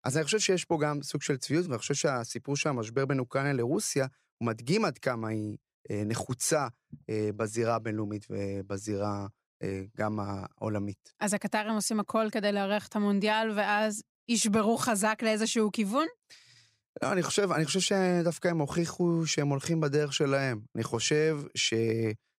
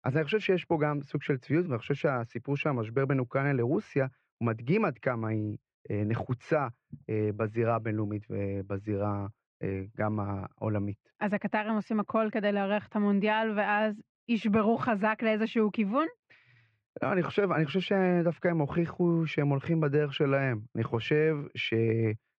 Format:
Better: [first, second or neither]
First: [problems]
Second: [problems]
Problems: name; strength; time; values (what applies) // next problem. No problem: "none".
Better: first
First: none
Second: muffled; very; fading above 2.5 kHz